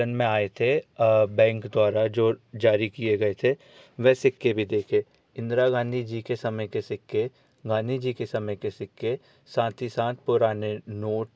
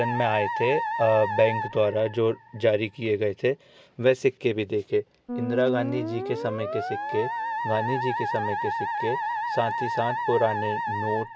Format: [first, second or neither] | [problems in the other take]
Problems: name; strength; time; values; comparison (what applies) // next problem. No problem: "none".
first | background sound (Musical instrument); 4 dB below the speech